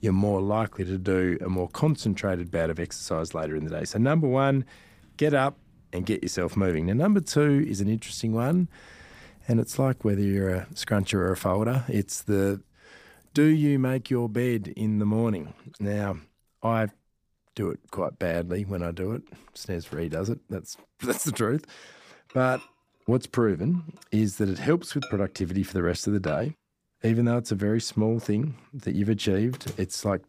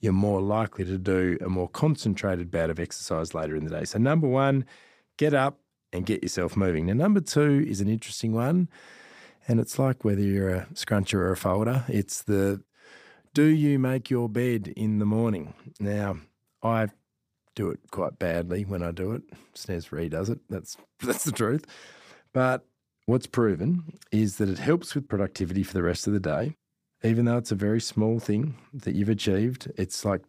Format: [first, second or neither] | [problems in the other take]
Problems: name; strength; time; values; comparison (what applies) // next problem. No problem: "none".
second | household noises; faint; throughout; 25 dB below the speech